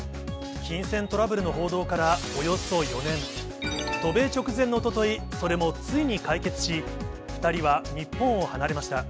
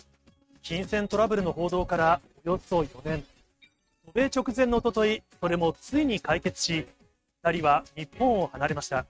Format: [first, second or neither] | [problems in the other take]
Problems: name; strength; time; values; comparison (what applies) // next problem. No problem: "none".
first | noise reduction (neural mask model RNNoise)